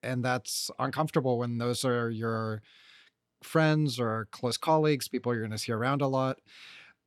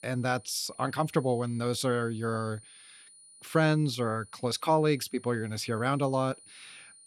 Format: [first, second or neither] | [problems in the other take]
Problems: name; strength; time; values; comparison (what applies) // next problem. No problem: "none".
first | high-pitched whine; faint; throughout; 9.5 kHz, 20 dB below the speech